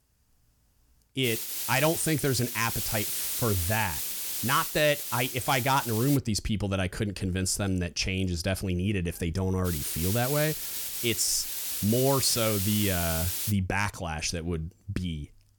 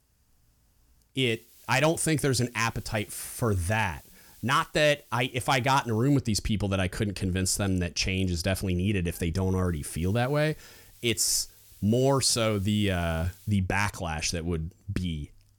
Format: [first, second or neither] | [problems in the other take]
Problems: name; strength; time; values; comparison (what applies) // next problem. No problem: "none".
second | hiss; loud; from 1 to 6 s and from 9.5 to 14 s; 2 dB below the speech; faint in the second